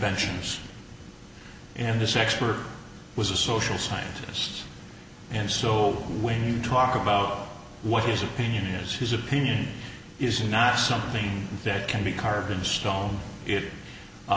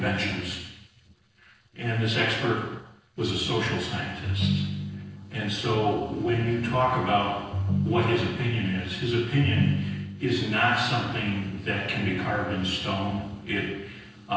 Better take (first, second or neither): first